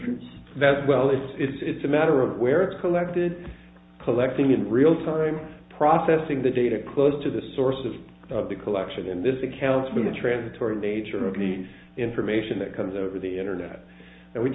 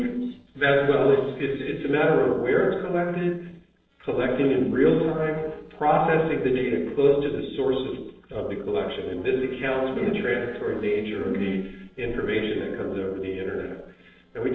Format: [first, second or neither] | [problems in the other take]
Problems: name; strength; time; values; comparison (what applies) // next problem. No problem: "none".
first | noise reduction (neural separator model SepFormer DNS4)